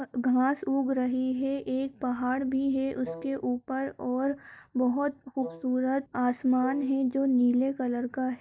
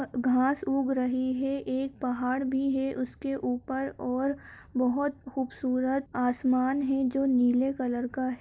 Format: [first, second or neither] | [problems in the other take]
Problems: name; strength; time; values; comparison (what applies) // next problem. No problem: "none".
second | noise reduction (neural mask model DeepFilterNet 3)